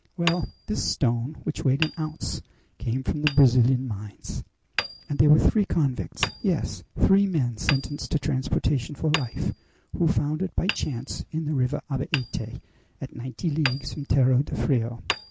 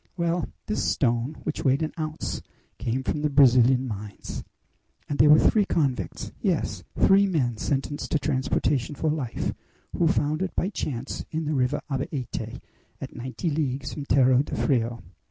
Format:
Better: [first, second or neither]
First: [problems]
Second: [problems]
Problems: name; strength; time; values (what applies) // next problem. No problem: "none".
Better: second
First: background sound (Hammer); 13 dB below the speech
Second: none